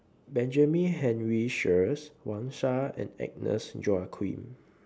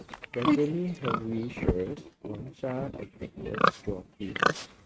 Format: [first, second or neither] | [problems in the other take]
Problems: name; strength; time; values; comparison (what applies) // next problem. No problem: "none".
first | noise reduction (neural mask model RNNoise)